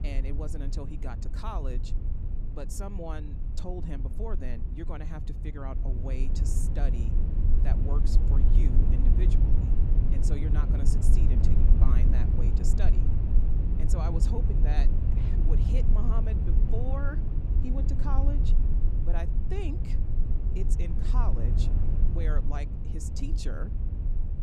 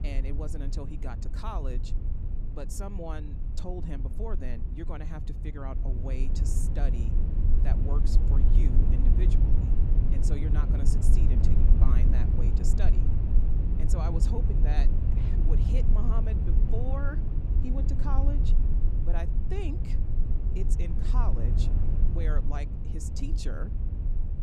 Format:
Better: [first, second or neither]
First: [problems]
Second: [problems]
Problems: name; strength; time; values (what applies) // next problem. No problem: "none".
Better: neither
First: low rumble; loud; throughout; 2 dB below the speech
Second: low rumble; loud; throughout; 2 dB below the speech